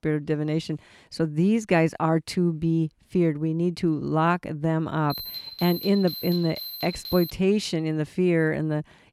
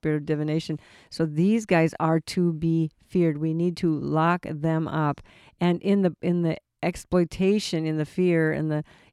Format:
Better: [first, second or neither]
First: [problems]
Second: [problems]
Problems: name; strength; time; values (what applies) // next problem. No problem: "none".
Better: second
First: alarm; noticeable; from 5 to 7.5 s; peak 8 dB below the speech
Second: none